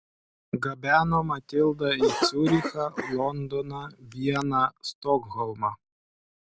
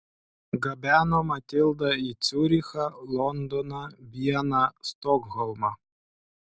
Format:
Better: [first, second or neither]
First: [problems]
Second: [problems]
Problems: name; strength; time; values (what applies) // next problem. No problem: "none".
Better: second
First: background sound (Cough); 5 dB below the speech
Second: none